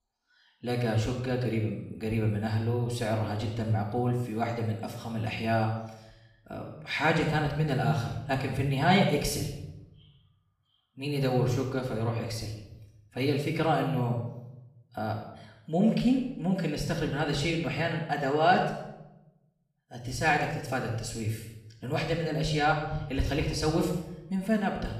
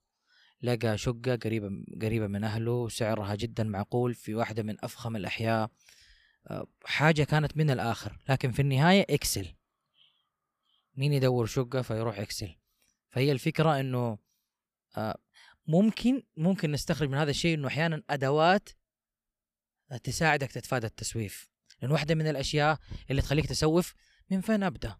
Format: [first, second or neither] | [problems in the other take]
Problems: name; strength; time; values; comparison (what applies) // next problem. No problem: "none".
second | off-mic speech; far // room echo; noticeable; dies away in 0.8 s